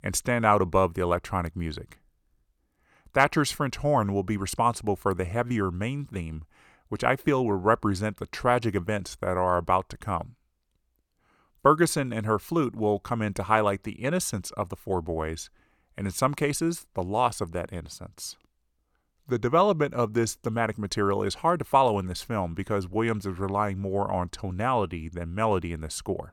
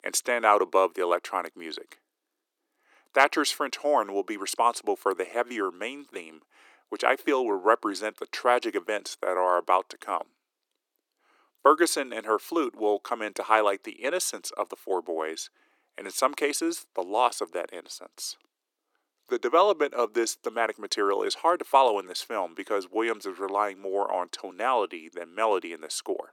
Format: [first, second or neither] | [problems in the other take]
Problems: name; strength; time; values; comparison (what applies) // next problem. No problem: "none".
first | thin; somewhat; fading below 300 Hz